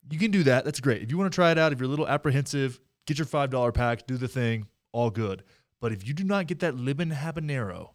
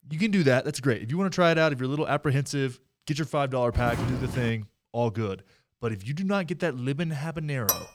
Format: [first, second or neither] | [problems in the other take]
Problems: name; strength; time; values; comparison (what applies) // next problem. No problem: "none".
first | footsteps; noticeable; at 3.5 s; peak 3 dB below the speech // clattering dishes; very faint; at 7.5 s; peak level with the speech